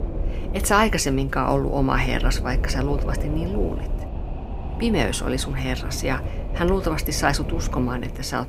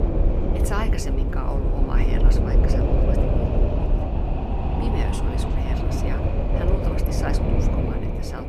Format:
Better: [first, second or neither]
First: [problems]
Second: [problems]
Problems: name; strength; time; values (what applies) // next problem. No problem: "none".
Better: first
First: wind noise on the microphone; occasional gusts; 15 dB below the speech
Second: wind noise on the microphone; heavy; 5 dB above the speech